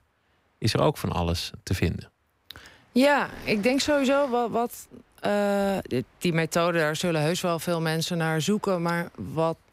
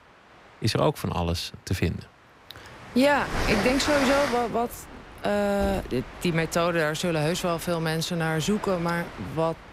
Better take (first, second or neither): first